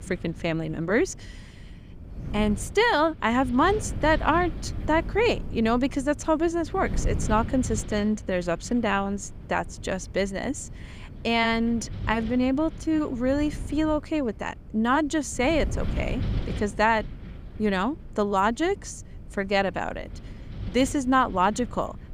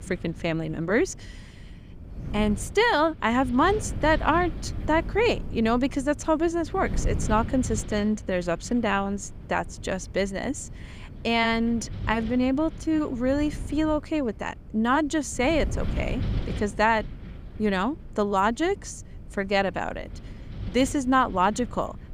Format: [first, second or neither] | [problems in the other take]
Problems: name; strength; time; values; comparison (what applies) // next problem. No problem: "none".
neither | wind noise on the microphone; occasional gusts; 20 dB below the speech; the same in both